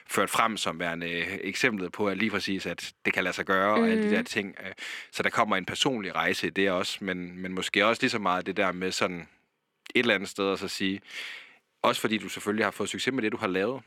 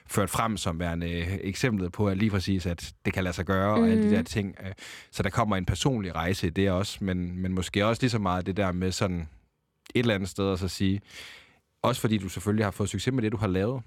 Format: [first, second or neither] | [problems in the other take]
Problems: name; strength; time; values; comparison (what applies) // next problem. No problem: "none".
second | thin; somewhat; fading below 300 Hz